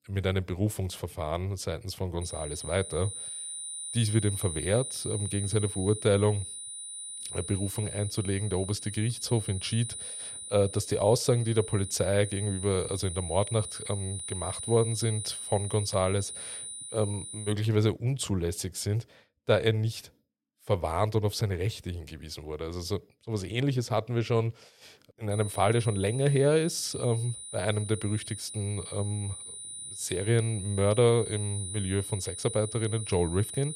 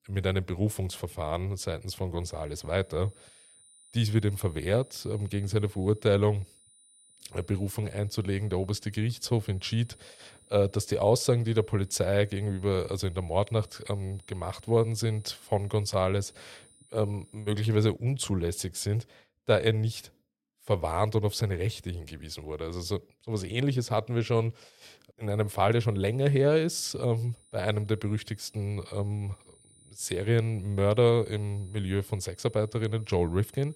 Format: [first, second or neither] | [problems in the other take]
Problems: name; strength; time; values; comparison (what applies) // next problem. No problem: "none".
second | high-pitched whine; loud; from 2 to 18 s and from 25 s on; 9.5 kHz, 7 dB below the speech; faint in the second